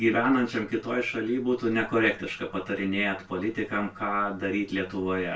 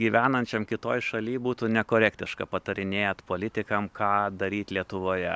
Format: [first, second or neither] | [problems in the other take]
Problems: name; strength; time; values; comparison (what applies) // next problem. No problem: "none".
second | room echo; dies away in 0.2 s